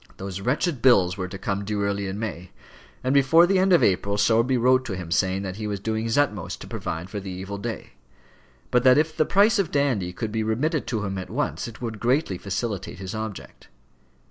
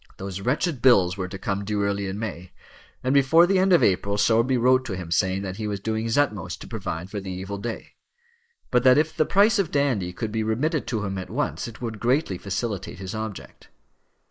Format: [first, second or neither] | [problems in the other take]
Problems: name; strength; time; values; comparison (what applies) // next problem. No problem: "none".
first | noise reduction (neural mask model Resemble Enhance denoiser)